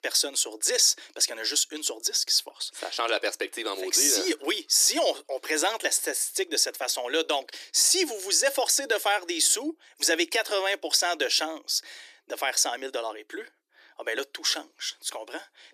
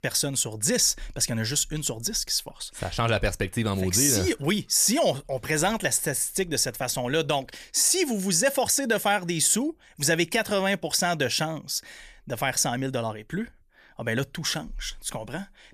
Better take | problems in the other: second | thin; very; fading below 300 Hz

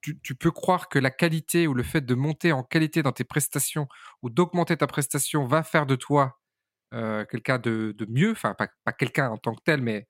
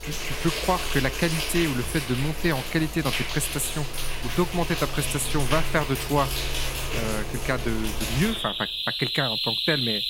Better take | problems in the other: first | animal sounds; loud; throughout; 2 dB below the speech

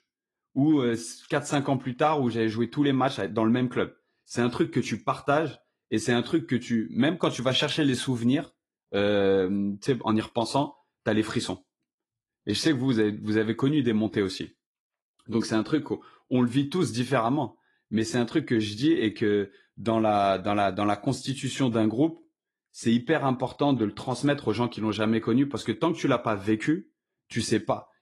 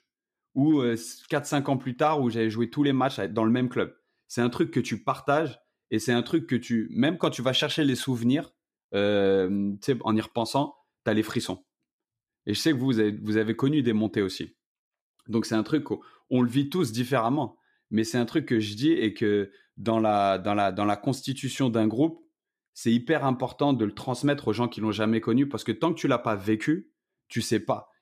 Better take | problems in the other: second | garbled, watery; slightly

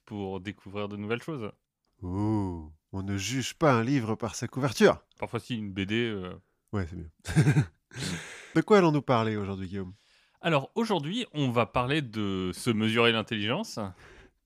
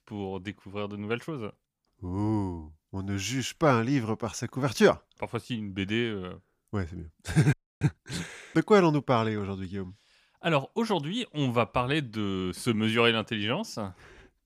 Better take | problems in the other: first | audio freezing; at 7.5 s

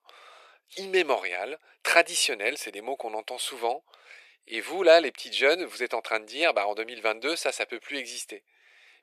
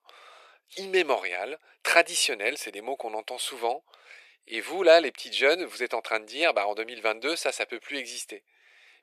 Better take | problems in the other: neither | thin; very; fading below 450 Hz; the same in both

